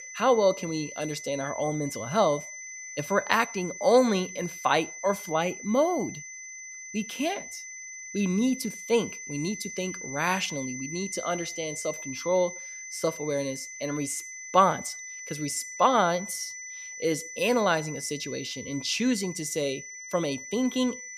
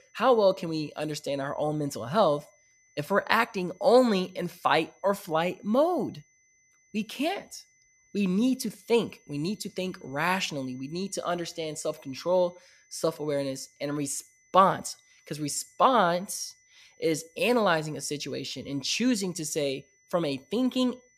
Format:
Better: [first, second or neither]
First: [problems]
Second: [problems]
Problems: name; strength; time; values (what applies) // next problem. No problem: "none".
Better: second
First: high-pitched whine; loud; throughout; 2 kHz, 10 dB below the speech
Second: high-pitched whine; faint; throughout; 2 kHz, 35 dB below the speech